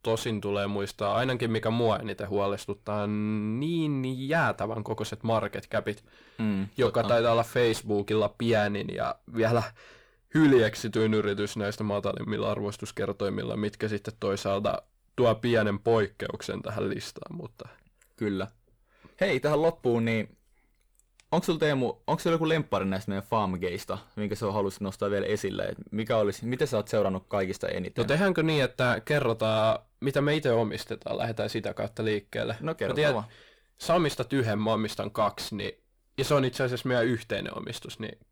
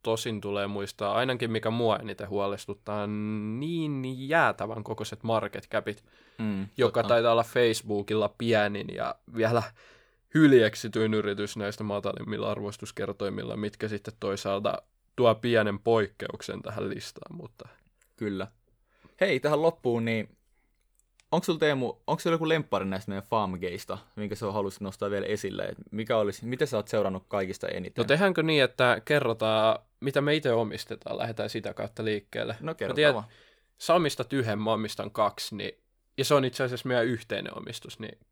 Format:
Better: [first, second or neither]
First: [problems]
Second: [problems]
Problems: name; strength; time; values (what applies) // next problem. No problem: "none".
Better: second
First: distortion; slight; 10 dB below the speech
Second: none